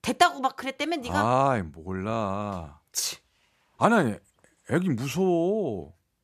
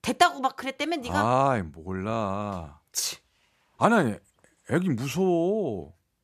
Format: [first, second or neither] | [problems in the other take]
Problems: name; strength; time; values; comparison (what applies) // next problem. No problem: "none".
neither | none